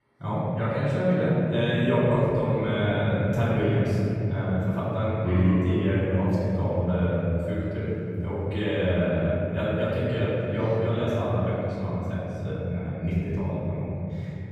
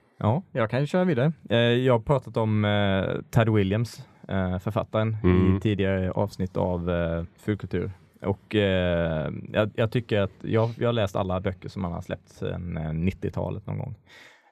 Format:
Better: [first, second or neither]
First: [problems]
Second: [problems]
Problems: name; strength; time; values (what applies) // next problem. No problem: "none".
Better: second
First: room echo; strong; dies away in 3 s // off-mic speech; far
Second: none